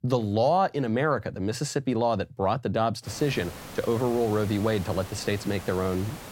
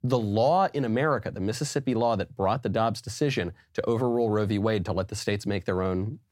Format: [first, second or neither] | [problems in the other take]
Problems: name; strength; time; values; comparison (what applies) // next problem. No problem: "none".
second | hiss; noticeable; from 3 s on; 15 dB below the speech